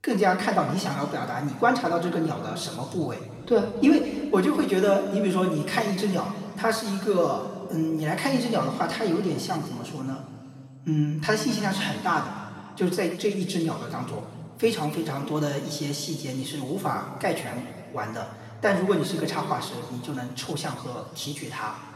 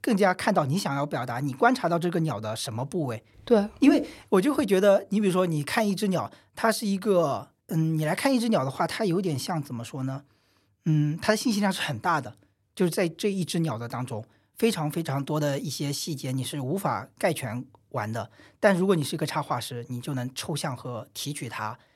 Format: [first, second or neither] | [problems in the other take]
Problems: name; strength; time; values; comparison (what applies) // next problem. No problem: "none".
second | room echo; noticeable; dies away in 1.9 s // off-mic speech; far